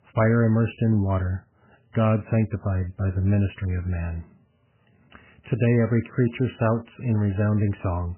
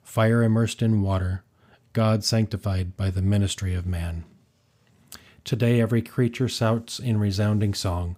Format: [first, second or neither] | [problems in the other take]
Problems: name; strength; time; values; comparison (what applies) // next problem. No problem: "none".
second | garbled, watery; badly; nothing above 3 kHz